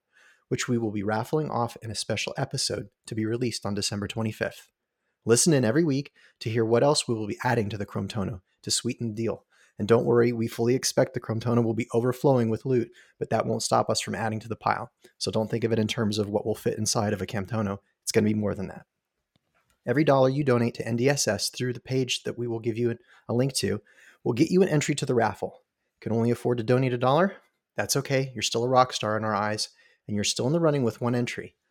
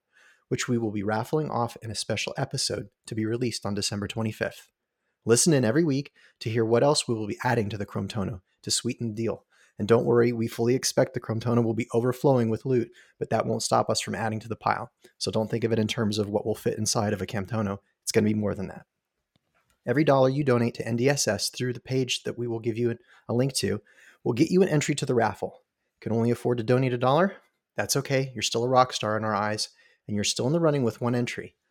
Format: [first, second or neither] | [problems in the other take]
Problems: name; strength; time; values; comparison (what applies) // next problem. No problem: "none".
neither | none